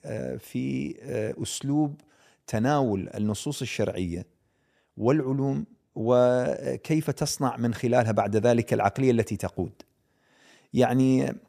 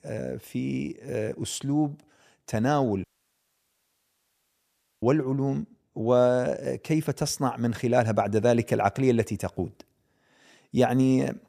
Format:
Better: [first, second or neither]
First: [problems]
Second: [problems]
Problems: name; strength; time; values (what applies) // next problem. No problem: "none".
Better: first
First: none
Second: audio cutting out; at 3 s for 2 s